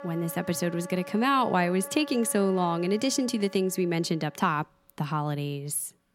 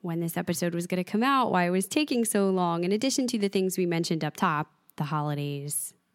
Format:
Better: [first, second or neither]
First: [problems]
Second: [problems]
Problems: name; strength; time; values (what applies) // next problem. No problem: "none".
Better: second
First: background music; noticeable; throughout; 15 dB below the speech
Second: none